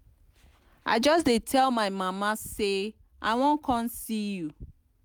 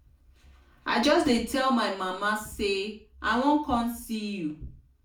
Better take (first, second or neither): first